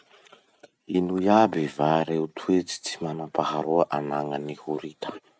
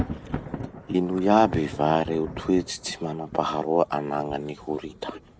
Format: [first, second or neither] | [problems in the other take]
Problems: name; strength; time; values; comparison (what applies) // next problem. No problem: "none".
first | background sound (Thunder); 11 dB below the speech